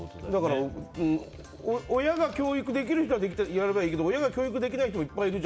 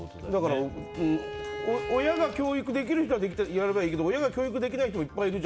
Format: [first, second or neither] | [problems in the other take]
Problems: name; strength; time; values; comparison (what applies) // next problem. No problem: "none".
first | background sound (Bowed string instrument); 10 dB below the speech